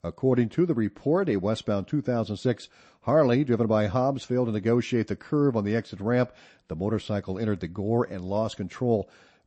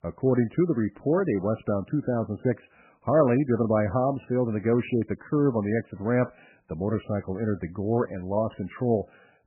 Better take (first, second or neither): first